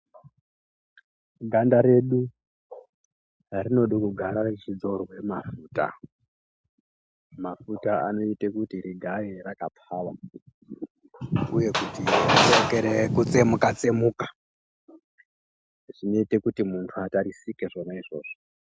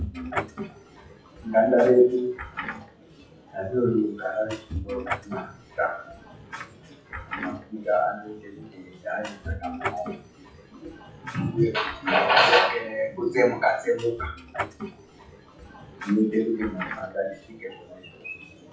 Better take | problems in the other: first | noise reduction (classical method WPE with log-MMSE)

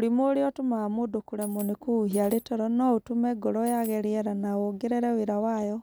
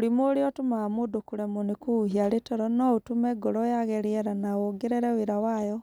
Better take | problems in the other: second | background sound (Coin (dropping)); 16 dB below the speech

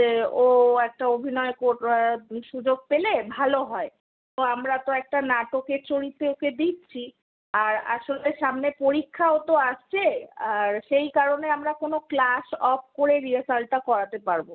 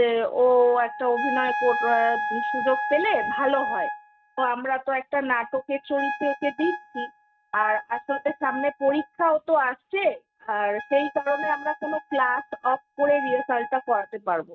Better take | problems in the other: first | noise reduction (neural mask model RNNoise)

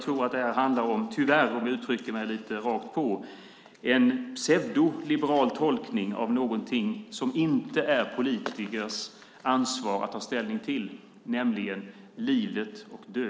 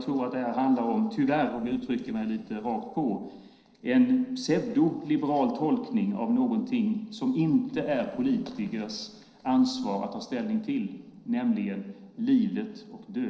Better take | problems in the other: first | noise reduction (neural separator model SepFormer DNS4)

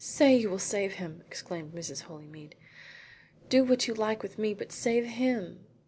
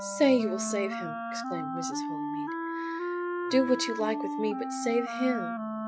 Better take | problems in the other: first | noise reduction (classical method Wiener filter)

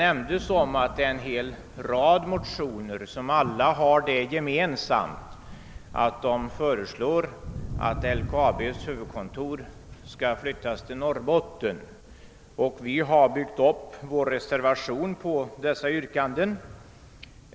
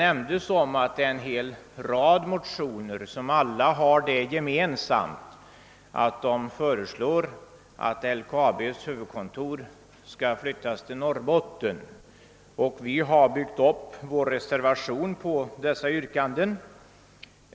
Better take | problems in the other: second | background sound (Thunder); 15 dB below the speech

